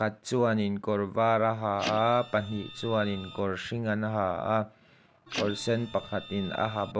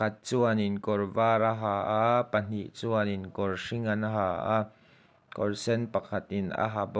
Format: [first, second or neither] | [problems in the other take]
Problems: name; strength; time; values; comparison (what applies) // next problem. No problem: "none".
second | background sound (Printer); 12 dB below the speech